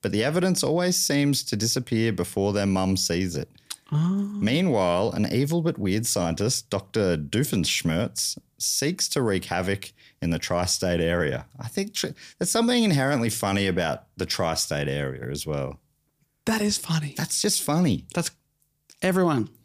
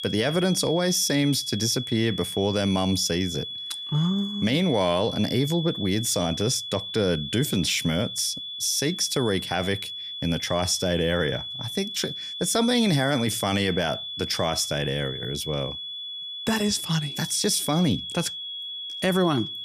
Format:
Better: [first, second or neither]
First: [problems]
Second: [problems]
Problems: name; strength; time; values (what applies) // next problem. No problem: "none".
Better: first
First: none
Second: high-pitched whine; loud; throughout; 3.5 kHz, 7 dB below the speech